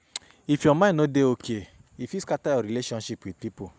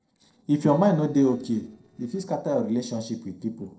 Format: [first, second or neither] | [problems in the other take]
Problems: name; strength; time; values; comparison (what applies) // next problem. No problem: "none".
first | noise reduction (neural separator model SepFormer DNS4)